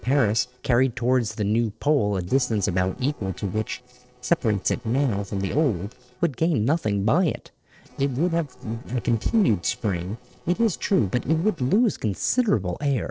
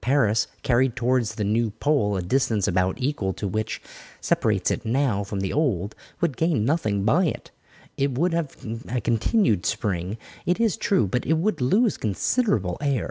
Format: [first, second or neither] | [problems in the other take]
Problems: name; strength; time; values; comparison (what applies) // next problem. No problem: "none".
second | noise reduction (neural separator model SepFormer DNS4)